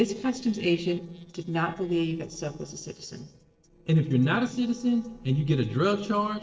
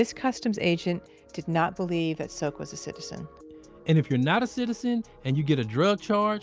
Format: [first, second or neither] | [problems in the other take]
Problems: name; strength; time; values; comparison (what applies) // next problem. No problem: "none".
second | noise reduction (neural separator model SepFormer DNS4)